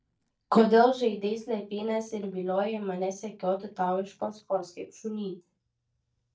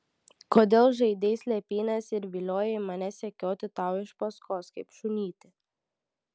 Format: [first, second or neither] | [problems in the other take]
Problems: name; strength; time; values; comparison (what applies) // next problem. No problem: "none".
second | noise reduction (neural mask model DeepFilterNet 3)